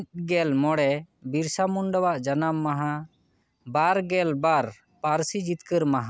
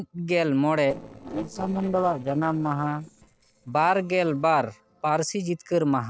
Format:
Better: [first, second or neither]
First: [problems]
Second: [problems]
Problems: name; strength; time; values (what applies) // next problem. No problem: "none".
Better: first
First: none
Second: noise reduction (neural separator model SepFormer DNS4)